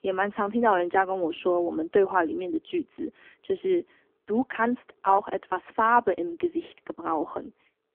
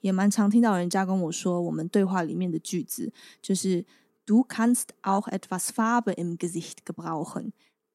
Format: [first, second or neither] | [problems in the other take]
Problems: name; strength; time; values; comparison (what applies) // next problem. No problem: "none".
second | phone-call audio; poor line